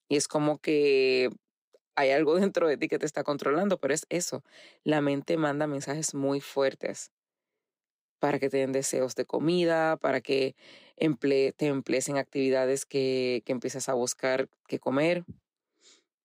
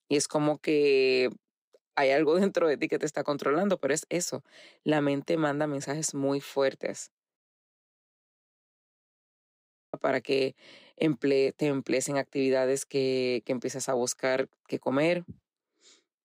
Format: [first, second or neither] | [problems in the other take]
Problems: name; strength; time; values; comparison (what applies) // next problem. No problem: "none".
first | audio cutting out; at 7.5 s for 2.5 s